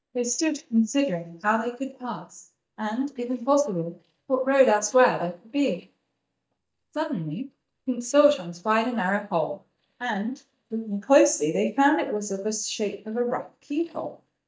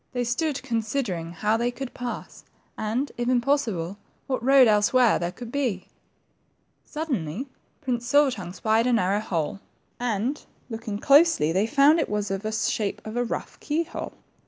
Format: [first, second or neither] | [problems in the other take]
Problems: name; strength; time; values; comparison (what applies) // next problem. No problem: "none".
second | noise reduction (neural mask model DeepFilterNet 3)